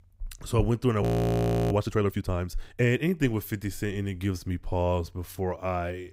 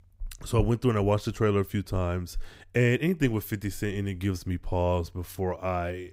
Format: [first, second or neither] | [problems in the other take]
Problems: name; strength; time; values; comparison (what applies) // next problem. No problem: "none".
second | audio freezing; at 1 s for 0.5 s